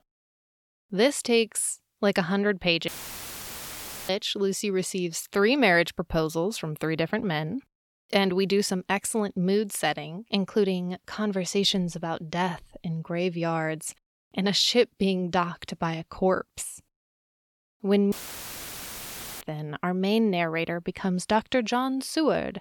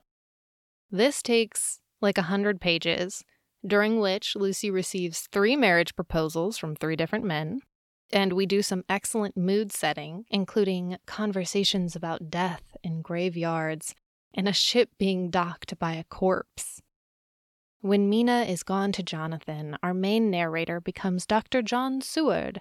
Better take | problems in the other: second | audio cutting out; filled with static; at 3 s for 1 s and at 18 s for 1.5 s

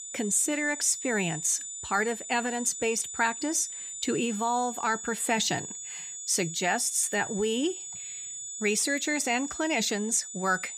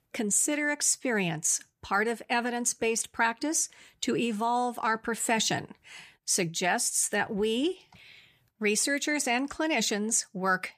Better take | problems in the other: second | high-pitched whine; loud; throughout; 7 kHz, 8 dB below the speech

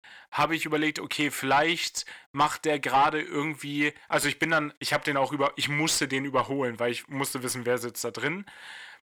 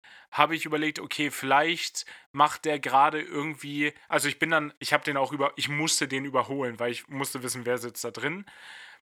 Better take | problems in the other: second | distortion; slight; 10 dB below the speech

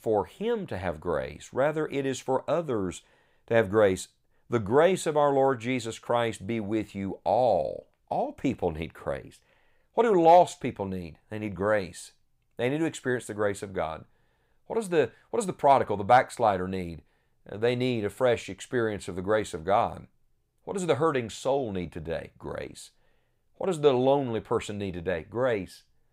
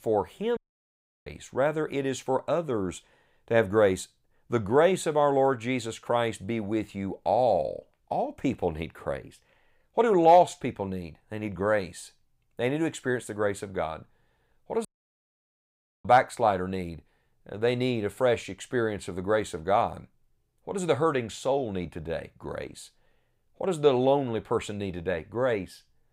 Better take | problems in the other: first | audio cutting out; at 0.5 s for 0.5 s and at 15 s for 1 s

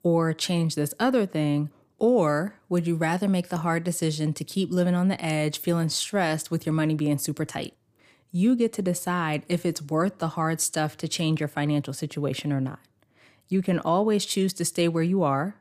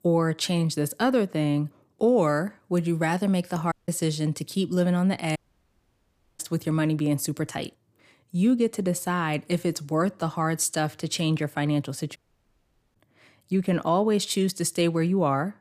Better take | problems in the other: first | audio cutting out; at 3.5 s, at 5.5 s for 1 s and at 12 s for 1 s

